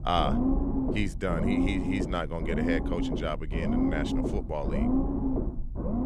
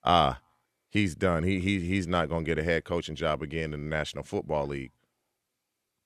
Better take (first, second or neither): second